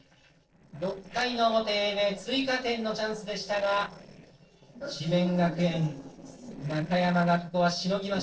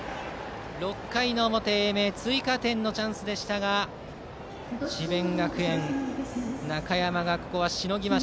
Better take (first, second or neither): second